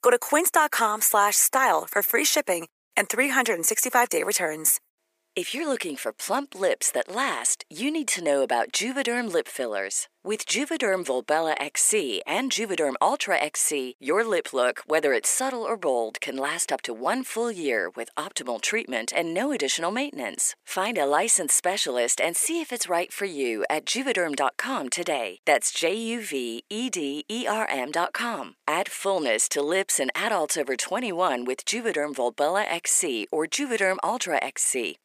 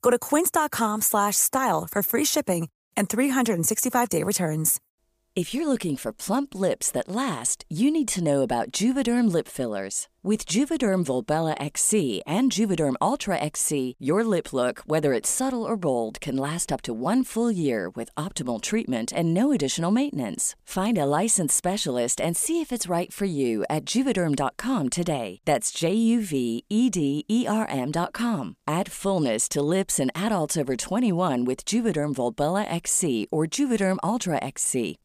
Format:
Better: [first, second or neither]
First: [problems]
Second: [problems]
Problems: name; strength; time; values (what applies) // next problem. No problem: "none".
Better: second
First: thin; somewhat; fading below 350 Hz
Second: none